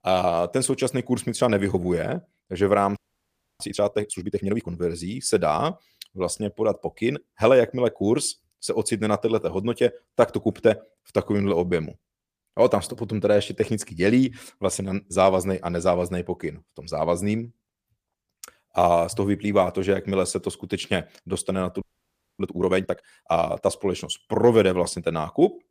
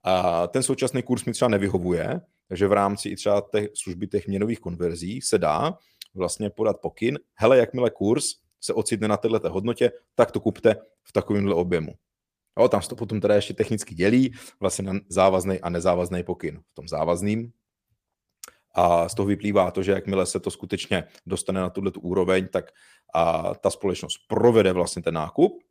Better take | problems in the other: second | audio freezing; at 3 s for 0.5 s and at 22 s for 0.5 s

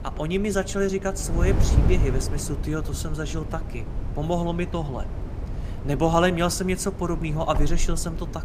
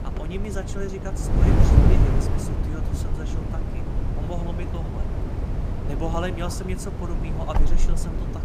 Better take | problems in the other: first | wind noise on the microphone; heavy; 1 dB above the speech; occasional gusts in the first

